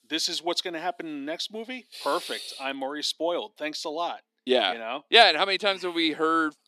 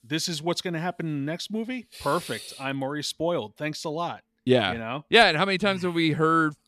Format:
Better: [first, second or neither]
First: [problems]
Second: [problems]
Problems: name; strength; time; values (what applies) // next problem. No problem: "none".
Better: second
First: thin; somewhat; fading below 300 Hz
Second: none